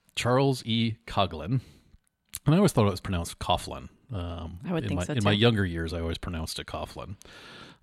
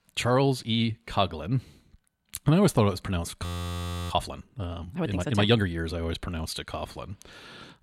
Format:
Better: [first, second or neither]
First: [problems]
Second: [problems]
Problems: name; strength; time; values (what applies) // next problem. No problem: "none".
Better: first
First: none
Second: audio freezing; at 3.5 s for 0.5 s